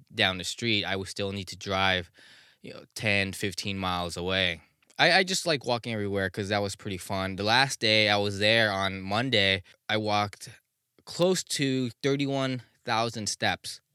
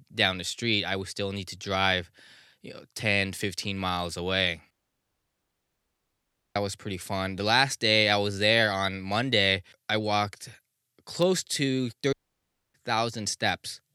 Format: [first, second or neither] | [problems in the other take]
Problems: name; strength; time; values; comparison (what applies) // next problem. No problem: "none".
first | audio cutting out; at 4.5 s for 2 s and at 12 s for 0.5 s